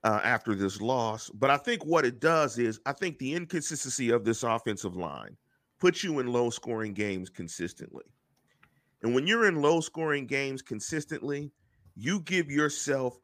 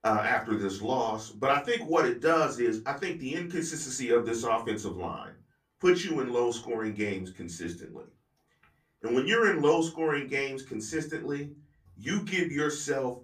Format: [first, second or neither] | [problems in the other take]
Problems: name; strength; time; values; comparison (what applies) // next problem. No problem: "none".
first | off-mic speech; far // room echo; very slight; dies away in 0.2 s